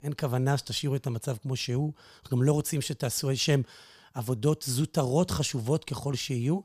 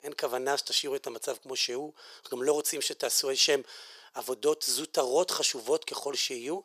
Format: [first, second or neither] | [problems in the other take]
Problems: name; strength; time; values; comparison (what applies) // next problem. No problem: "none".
first | thin; very; fading below 400 Hz